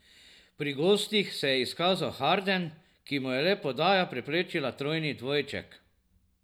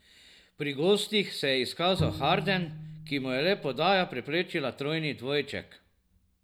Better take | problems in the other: first | background sound (Bowed string instrument); 8 dB below the speech

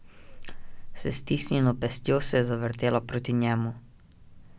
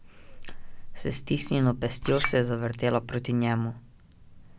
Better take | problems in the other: first | background sound (Chink, clink); 7 dB below the speech

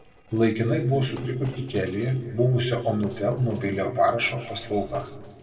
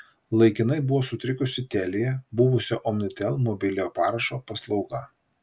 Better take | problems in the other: second | noise reduction (neural separator model SepFormer DNS4)

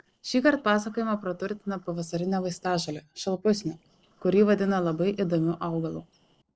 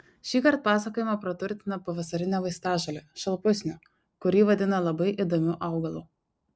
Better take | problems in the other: second | noise reduction (neural separator model SepFormer DNS4)

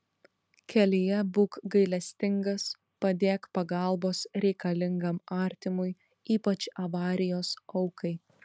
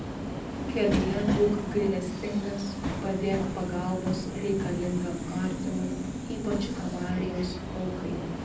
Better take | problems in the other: first | background sound (Subway, metro, underground); 2 dB below the speech // room echo; dies away in 0.6 s

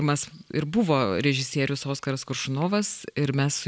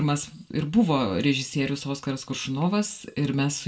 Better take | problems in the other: first | room echo; dies away in 0.2 s

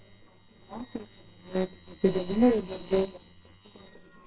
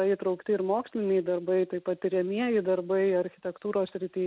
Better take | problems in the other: second | noise reduction (neural separator model SepFormer WHAMR!)

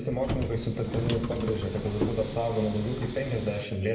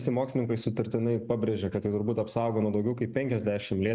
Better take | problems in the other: second | background sound (Subway, metro, underground); 5 dB below the speech // room echo; dies away in 1.1 s

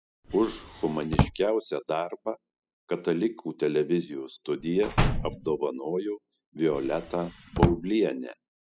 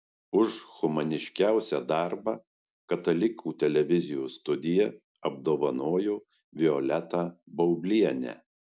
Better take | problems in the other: second | noise reduction (classical method spectral subtraction)

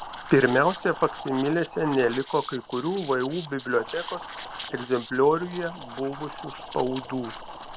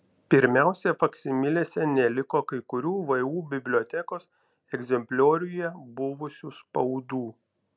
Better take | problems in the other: second | background sound (Liquid); 13 dB below the speech

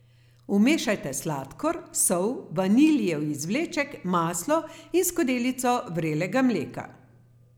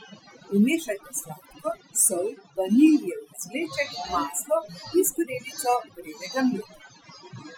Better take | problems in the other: first | noise reduction (classical method Wiener filter)

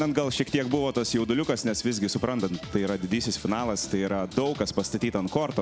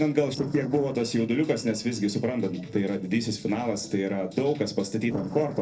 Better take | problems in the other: first | noise reduction (neural separator model SepFormer DNS4)

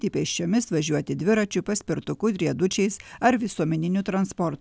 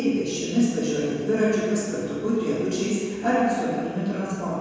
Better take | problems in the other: first | room echo; dies away in 1.9 s

